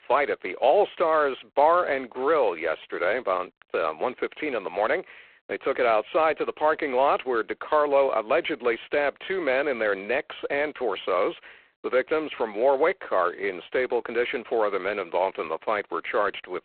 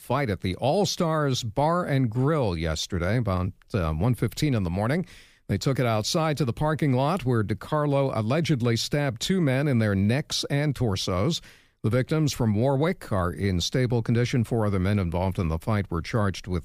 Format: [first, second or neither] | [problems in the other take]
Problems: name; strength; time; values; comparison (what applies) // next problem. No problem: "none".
second | phone-call audio; poor line; nothing above 4 kHz